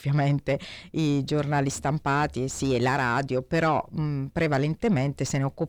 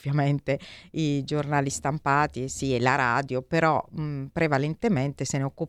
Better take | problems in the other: second | distortion; slight; 10 dB below the speech

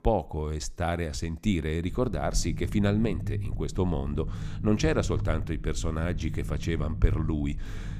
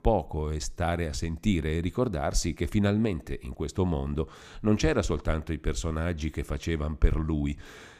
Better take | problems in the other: second | low rumble; noticeable; from 2 s on; 15 dB below the speech

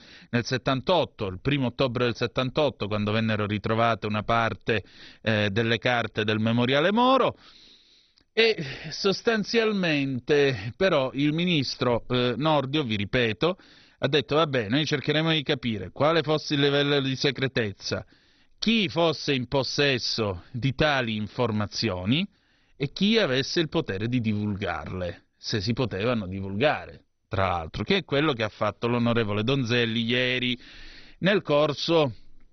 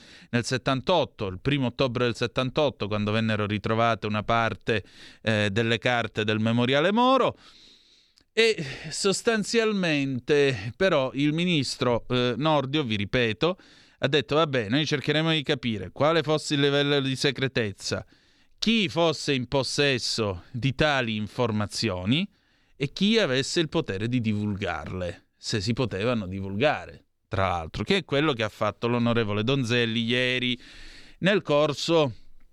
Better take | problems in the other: second | garbled, watery; badly; nothing above 6 kHz

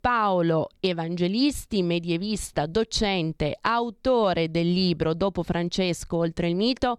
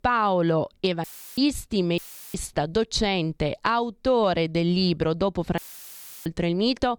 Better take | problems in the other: first | audio cutting out; filled with static; at 1 s, at 2 s and at 5.5 s for 0.5 s

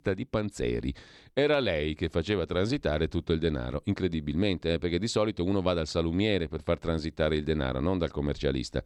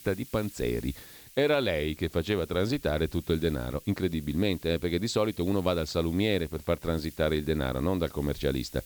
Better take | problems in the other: first | hiss; noticeable; throughout; 20 dB below the speech

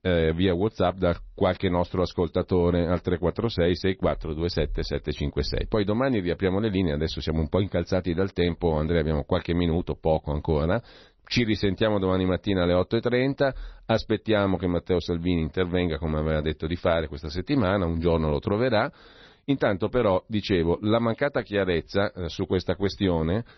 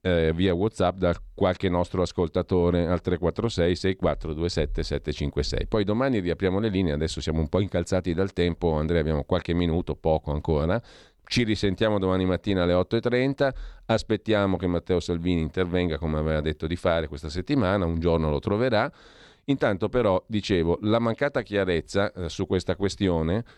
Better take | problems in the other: second | garbled, watery; slightly; nothing above 6 kHz

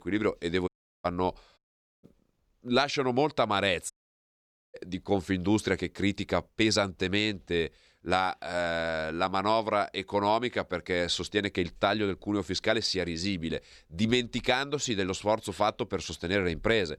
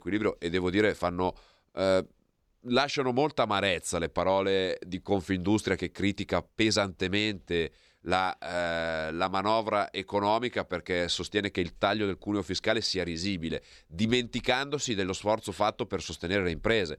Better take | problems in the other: second | audio cutting out; at 0.5 s, at 1.5 s and at 4 s for 1 s

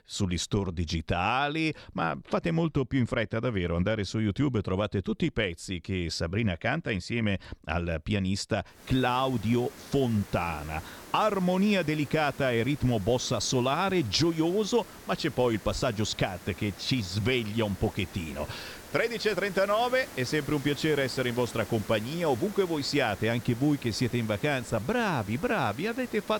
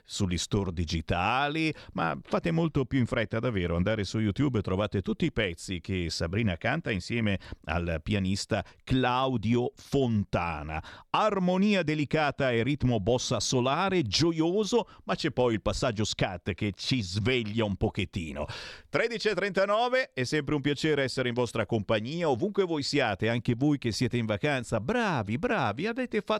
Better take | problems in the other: second | hiss; noticeable; from 9 s on; 15 dB below the speech

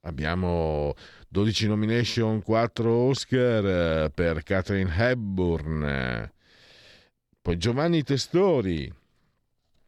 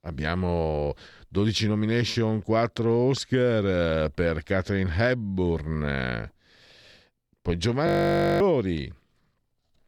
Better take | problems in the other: first | audio freezing; at 8 s for 0.5 s

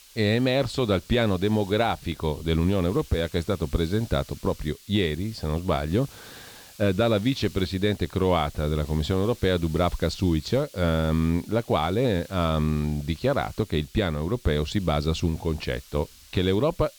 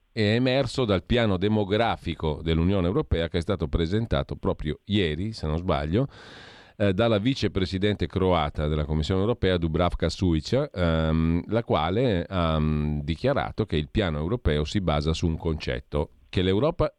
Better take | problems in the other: second | hiss; faint; throughout; 20 dB below the speech

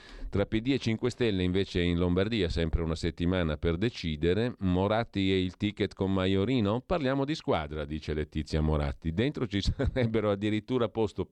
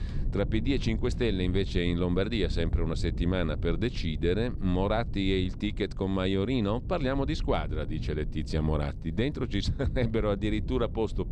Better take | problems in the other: first | low rumble; noticeable; throughout; 15 dB below the speech

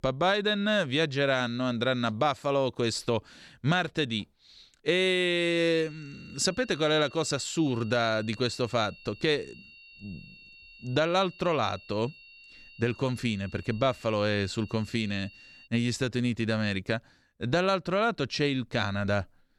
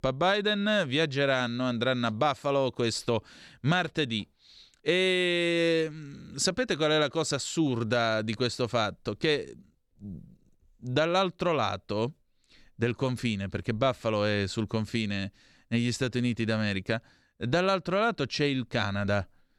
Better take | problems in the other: second | high-pitched whine; faint; from 5.5 to 16 s; 3 kHz, 20 dB below the speech

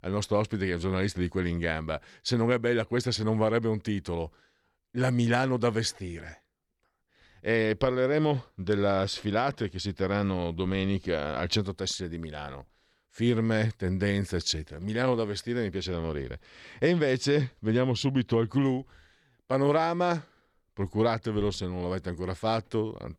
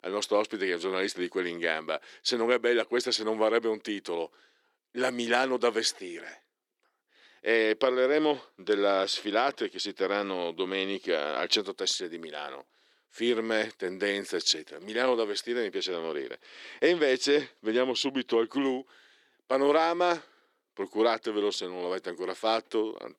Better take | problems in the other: first | thin; somewhat; fading below 300 Hz

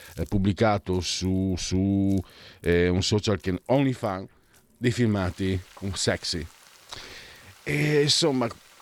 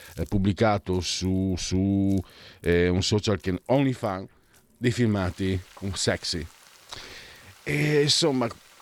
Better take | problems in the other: neither | household noises; faint; throughout; 30 dB below the speech; the same in both

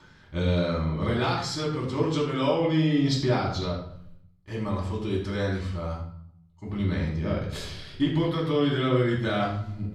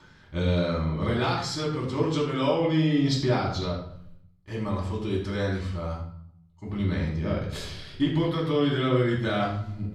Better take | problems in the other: neither | off-mic speech; far; the same in both // room echo; noticeable; dies away in 0.6 s; the same in both

